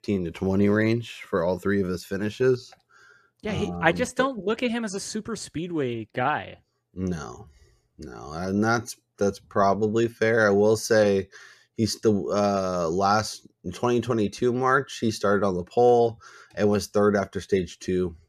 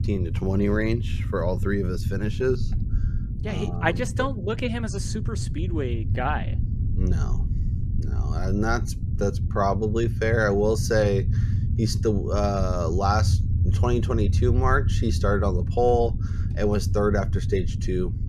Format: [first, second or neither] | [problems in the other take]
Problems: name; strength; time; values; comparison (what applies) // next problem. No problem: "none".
first | low rumble; noticeable; throughout; 15 dB below the speech